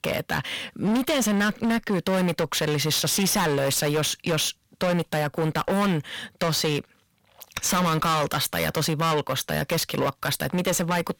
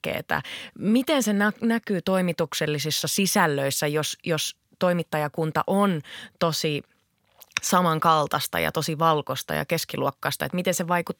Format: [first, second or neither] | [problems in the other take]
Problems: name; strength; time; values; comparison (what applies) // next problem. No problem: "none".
second | distortion; heavy; 23% of the sound clipped